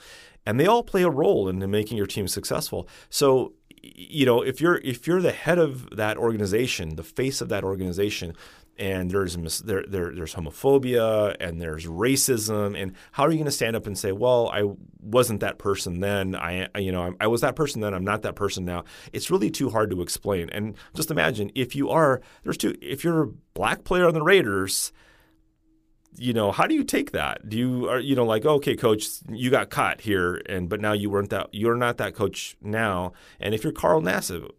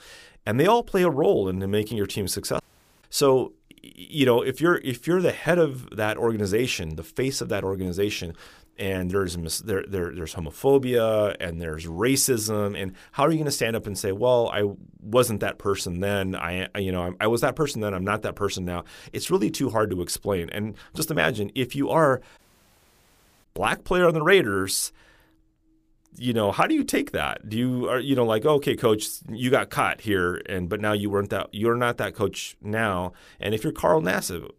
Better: first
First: none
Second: audio cutting out; at 2.5 s and at 22 s for 1 s

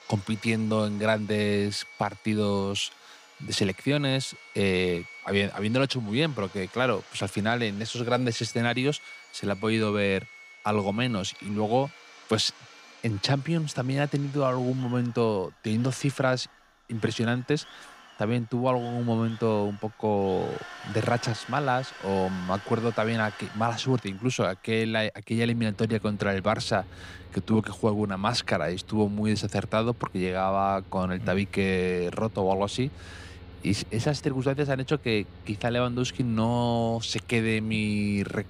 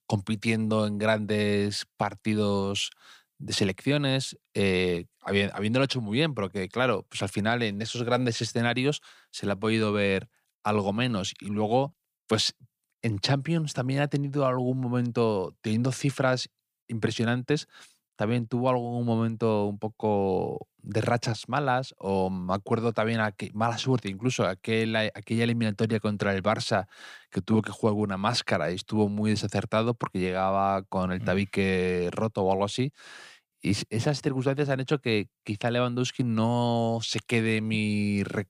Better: second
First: machinery noise; noticeable; throughout; 20 dB below the speech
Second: none

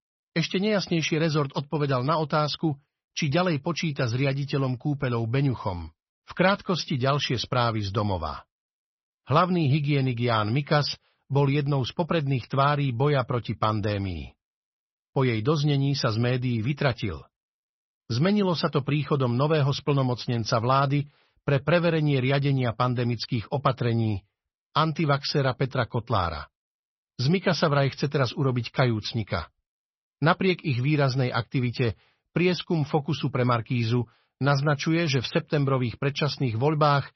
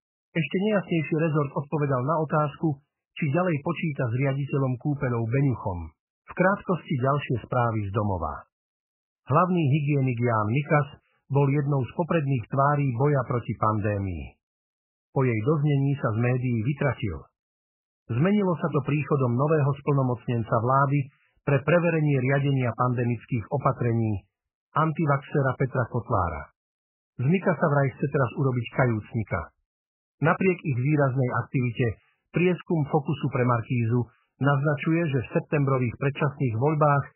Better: first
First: garbled, watery; slightly; nothing above 6 kHz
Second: garbled, watery; badly; nothing above 3 kHz

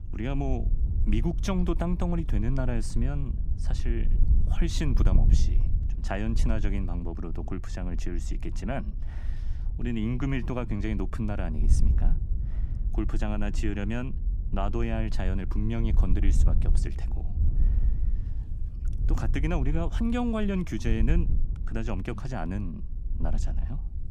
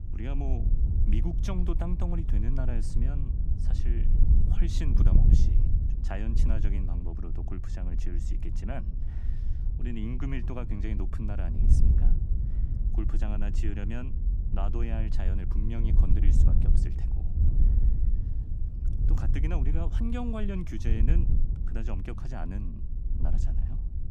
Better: first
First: wind noise on the microphone; occasional gusts; 10 dB below the speech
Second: wind noise on the microphone; heavy; 4 dB below the speech

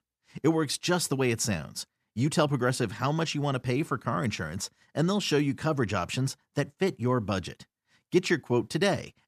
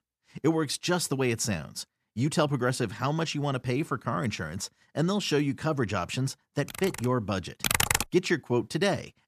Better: first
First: none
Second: keyboard typing; noticeable; at 6.5 s; peak 10 dB below the speech // keyboard typing; loud; at 7.5 s; peak 5 dB above the speech

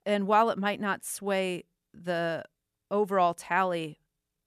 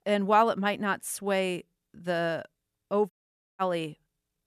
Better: first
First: none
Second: audio cutting out; at 3 s

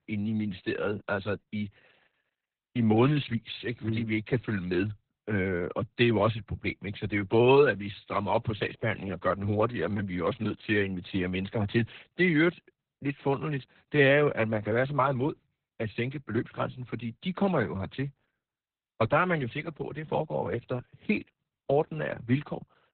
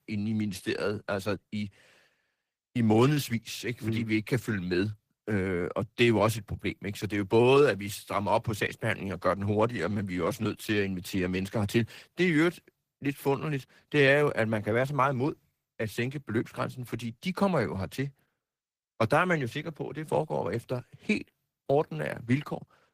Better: second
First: garbled, watery; badly; nothing above 4 kHz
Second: garbled, watery; slightly; nothing above 15 kHz

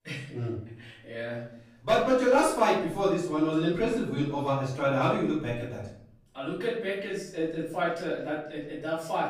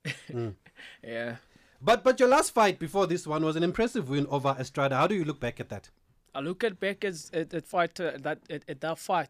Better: second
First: off-mic speech; far // room echo; noticeable; dies away in 0.6 s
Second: none

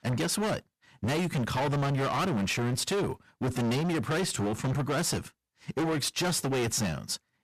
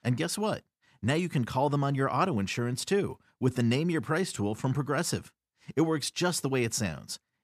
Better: second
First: distortion; heavy; 29% of the sound clipped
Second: none

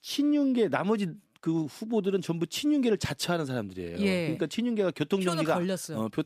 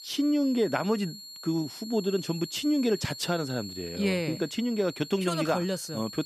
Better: first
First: none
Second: high-pitched whine; noticeable; throughout; 4.5 kHz, 10 dB below the speech

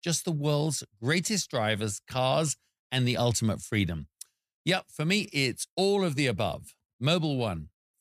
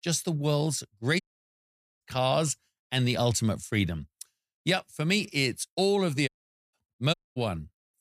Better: first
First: none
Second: audio cutting out; at 1 s for 1 s, at 6.5 s and at 7 s

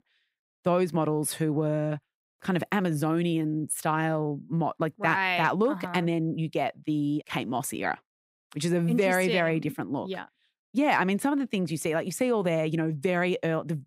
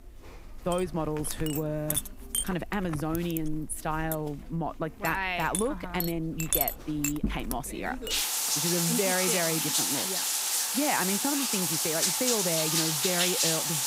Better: first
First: none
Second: household noises; very loud; throughout; 4 dB above the speech

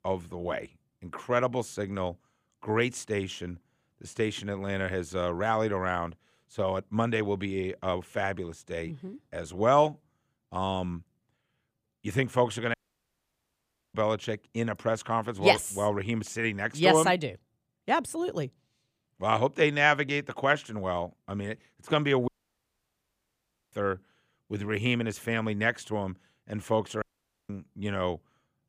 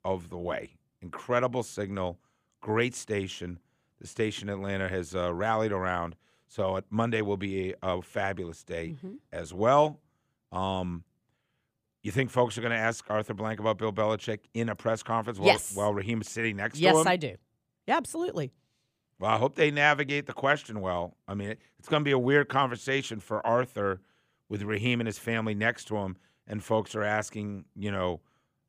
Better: second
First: audio cutting out; at 13 s for 1 s, at 22 s for 1.5 s and at 27 s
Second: none

